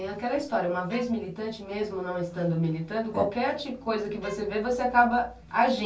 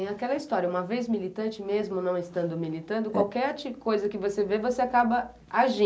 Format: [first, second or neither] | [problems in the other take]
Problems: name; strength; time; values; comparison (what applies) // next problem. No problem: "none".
second | background sound (Bowed string instrument); 19 dB below the speech // room echo; dies away in 0.2 s